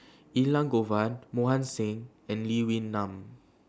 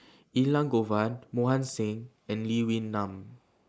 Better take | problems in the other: first | noise reduction (neural mask model Resemble Enhance denoiser)

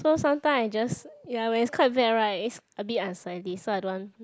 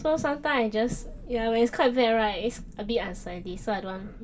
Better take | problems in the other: first | background sound (Thunder); 16 dB below the speech // room echo; dies away in 0.2 s

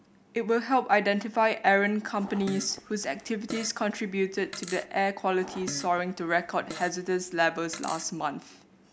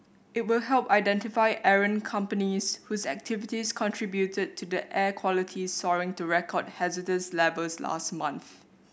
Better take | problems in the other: second | background sound (Fart); 15 dB below the speech

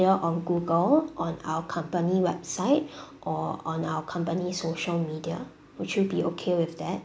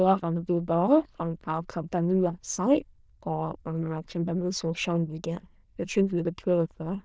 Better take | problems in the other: first | noise reduction (neural diffusion model UNIVERSE++)

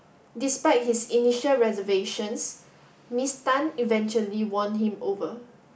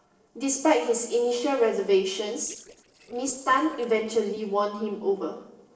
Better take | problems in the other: first | noise reduction (neural separator model SepFormer DNS4)

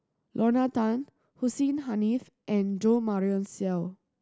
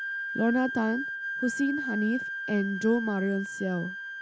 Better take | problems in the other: first | background sound (Wind instrument, woodwind instrument); 6 dB below the speech

